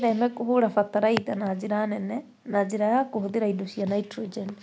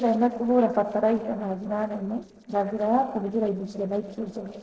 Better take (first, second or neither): first